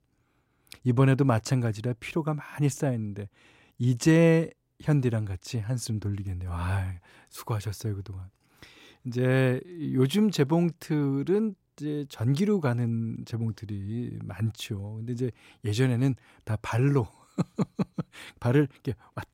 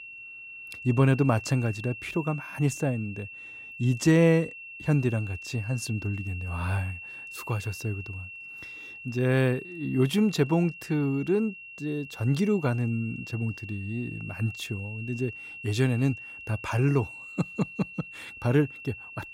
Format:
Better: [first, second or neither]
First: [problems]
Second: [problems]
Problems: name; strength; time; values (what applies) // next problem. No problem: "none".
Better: first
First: none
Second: high-pitched whine; noticeable; throughout; 2.5 kHz, 10 dB below the speech